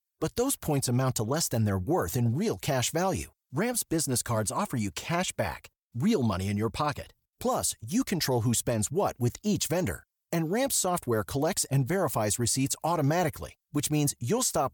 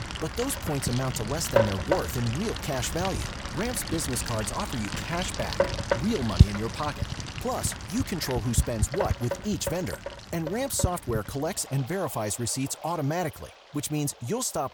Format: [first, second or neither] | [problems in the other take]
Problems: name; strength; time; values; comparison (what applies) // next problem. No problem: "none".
first | rain or running water; loud; throughout; 1 dB below the speech